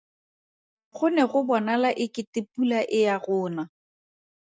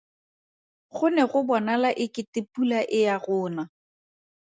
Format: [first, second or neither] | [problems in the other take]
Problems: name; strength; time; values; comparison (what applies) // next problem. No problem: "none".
second | noise reduction (neural mask model DeepFilterNet 3)